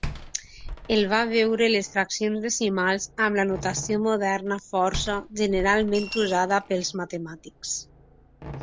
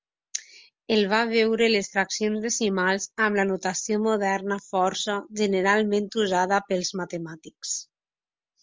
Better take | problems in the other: second | background sound (Slam + Coin (dropping) / Glass); 14 dB below the speech

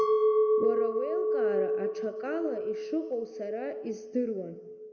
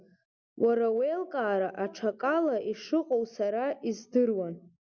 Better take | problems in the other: second | background sound (Chink, clink); 5 dB above the speech // room echo; dies away in 1.4 s

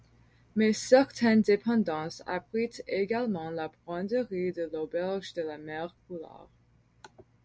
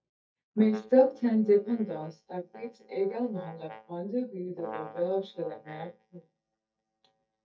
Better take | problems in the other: first | noise reduction (neural mask model DeepFilterNet 3)

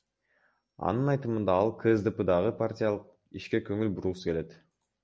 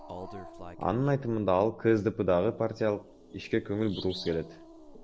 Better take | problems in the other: first | background sound (Bird vocalization, bird call, bird song + Growling); 17 dB below the speech

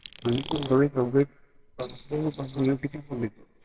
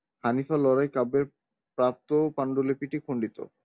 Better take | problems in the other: second | noise reduction (neural separator model SepFormer WHAMR!)

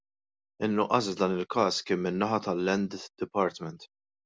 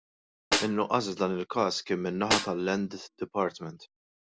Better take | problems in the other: first | background sound (Snare drum); 5 dB below the speech

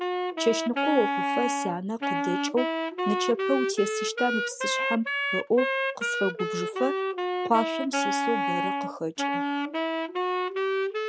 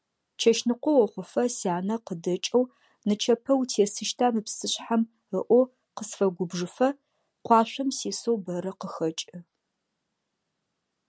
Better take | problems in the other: second | background sound (Wind instrument, woodwind instrument); 2 dB above the speech

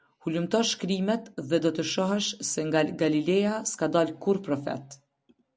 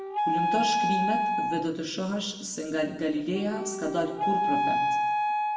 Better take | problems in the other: first | background sound (Wind instrument, woodwind instrument); 3 dB above the speech // room echo; dies away in 1 s

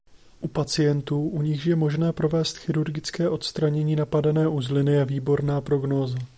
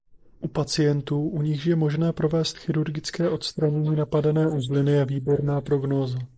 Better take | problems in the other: first | noise reduction (neural mask model Resemble Enhance denoiser)

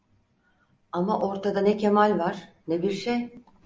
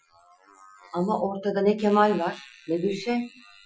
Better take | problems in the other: first | noise reduction (classical method Wiener filter)

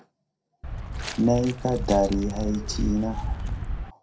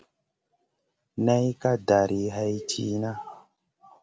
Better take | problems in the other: second | background sound (Walk, footsteps); 4 dB below the speech // room echo; dies away in 0.2 s

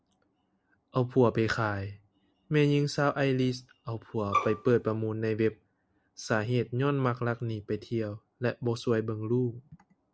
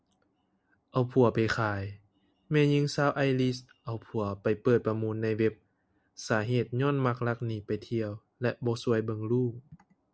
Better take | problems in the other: second | background sound (Bowed string instrument); 3 dB below the speech

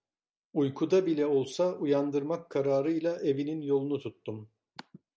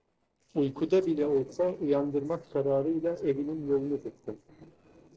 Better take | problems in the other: first | noise reduction (neural separator model SepFormer DNS4)

